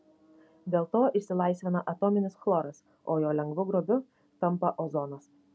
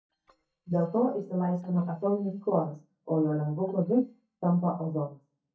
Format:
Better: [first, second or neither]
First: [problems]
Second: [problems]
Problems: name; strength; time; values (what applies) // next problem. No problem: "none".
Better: first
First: none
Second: noise reduction (neural mask model DeepFilterNet 3)